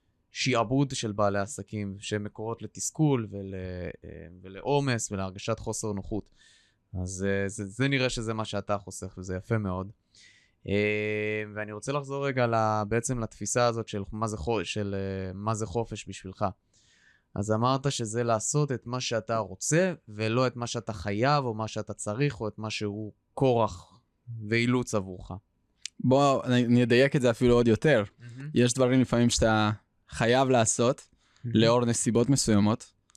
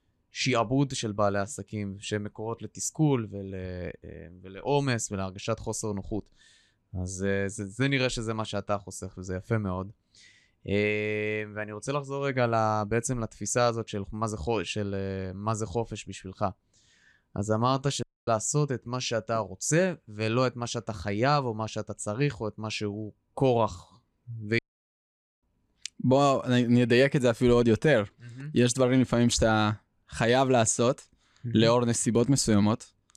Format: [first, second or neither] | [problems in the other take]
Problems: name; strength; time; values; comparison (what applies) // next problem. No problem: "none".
first | audio cutting out; at 18 s and at 25 s for 1 s